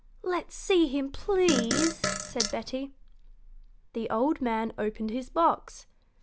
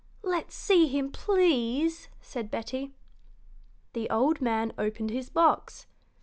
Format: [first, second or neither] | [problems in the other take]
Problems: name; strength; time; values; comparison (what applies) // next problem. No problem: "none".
second | background sound (Fart); 2 dB below the speech